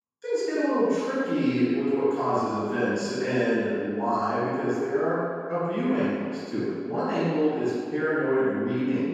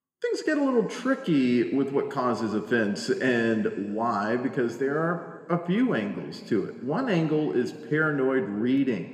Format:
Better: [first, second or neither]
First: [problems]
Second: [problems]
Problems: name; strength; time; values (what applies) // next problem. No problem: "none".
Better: second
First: room echo; strong; dies away in 1.8 s // off-mic speech; far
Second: room echo; slight; dies away in 1.7 s